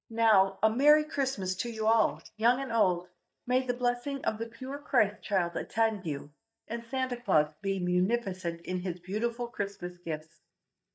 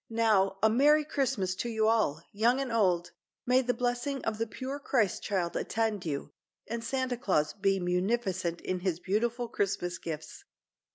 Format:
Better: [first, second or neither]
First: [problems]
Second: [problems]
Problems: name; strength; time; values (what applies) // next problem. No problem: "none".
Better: second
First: noise reduction (neural mask model DeepFilterNet 3)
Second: none